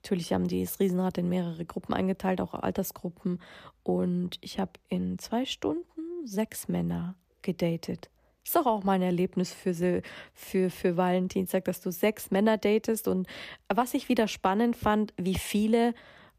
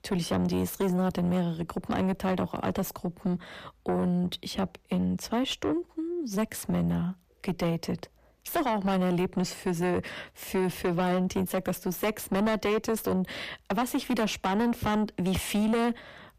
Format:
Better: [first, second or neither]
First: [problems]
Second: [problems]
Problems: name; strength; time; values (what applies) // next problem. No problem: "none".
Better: first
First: none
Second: distortion; heavy; 7 dB below the speech